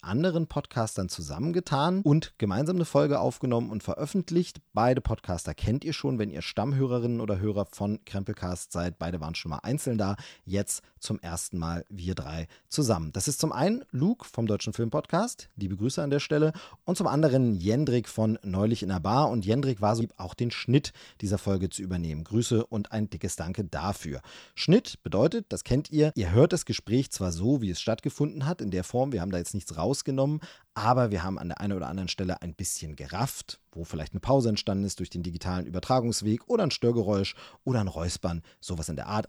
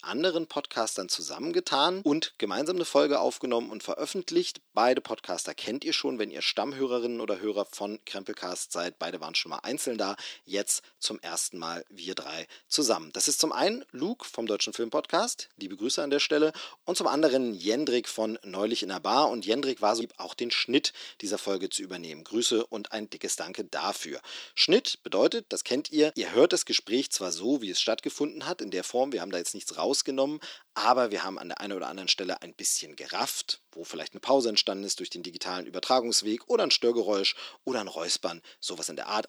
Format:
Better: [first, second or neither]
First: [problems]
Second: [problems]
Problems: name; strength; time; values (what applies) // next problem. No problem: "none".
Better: first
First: none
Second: thin; somewhat; fading below 300 Hz